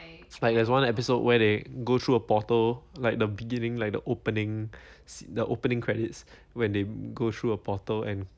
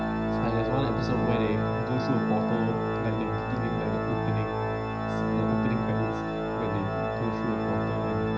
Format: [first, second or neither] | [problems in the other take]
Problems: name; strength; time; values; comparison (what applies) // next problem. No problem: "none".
first | background sound (Organ); 5 dB above the speech // room echo; dies away in 0.9 s